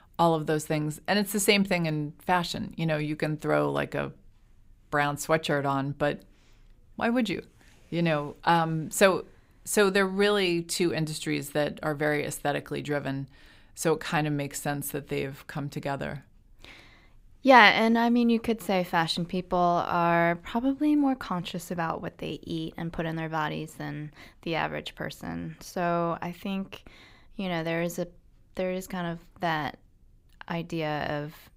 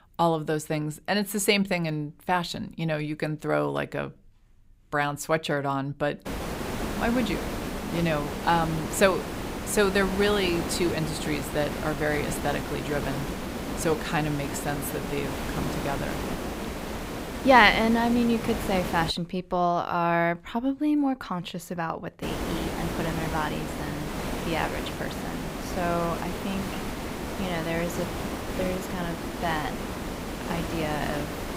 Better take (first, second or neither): first